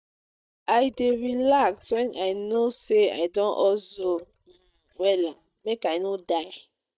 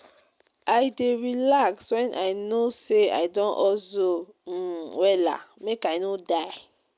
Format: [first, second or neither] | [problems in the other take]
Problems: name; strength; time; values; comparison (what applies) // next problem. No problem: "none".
second | noise reduction (neural mask model DeepFilterNet 3)